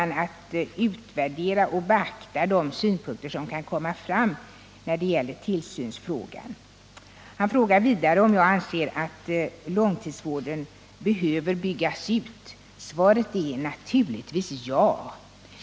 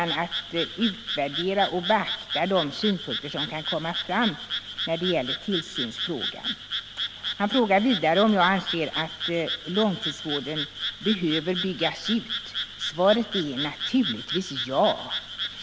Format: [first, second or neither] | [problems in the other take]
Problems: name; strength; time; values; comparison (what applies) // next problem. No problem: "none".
first | background sound (Frog); 6 dB below the speech